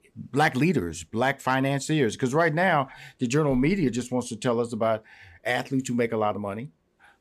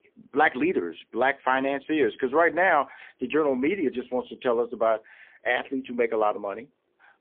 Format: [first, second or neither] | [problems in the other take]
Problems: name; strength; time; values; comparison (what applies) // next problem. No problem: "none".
first | phone-call audio; poor line; nothing above 3.5 kHz